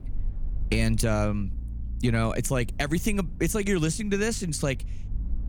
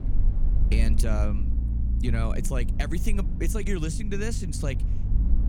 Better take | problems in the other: first | low rumble; loud; throughout; 9 dB below the speech; faint in the first

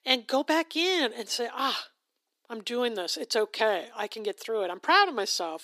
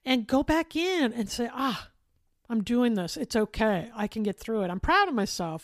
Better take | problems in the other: second | thin; somewhat; fading below 300 Hz

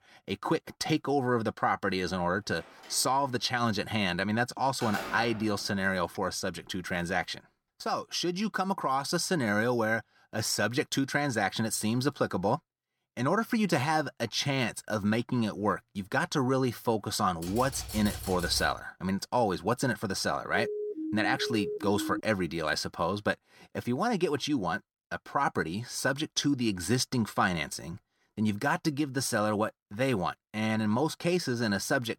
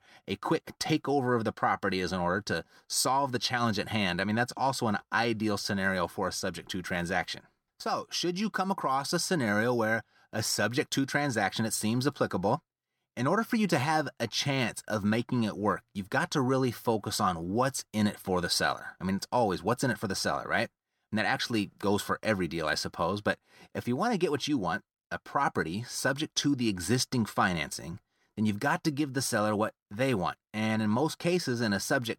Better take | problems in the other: second | door banging; noticeable; from 2.5 to 6 s; peak 7 dB below the speech // keyboard typing; noticeable; from 17 to 19 s; peak 8 dB below the speech // siren; noticeable; from 21 to 22 s; peak 5 dB below the speech

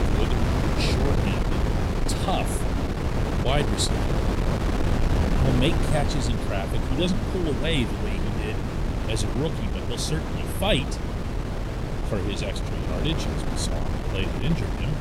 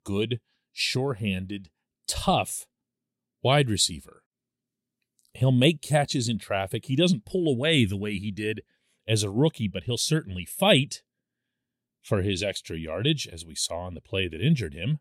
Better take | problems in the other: second | wind noise on the microphone; heavy; 1 dB below the speech

